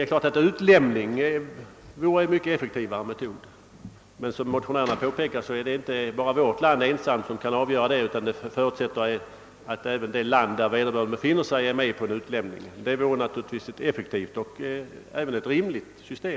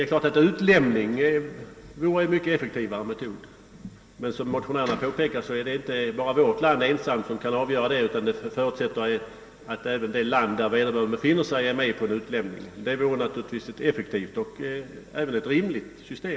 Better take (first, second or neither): first